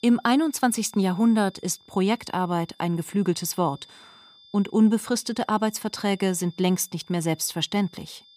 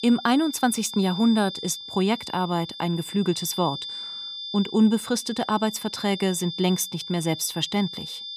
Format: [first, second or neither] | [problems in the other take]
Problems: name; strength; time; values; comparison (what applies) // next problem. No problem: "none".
first | high-pitched whine; loud; throughout; 3.5 kHz, 10 dB below the speech; faint in the first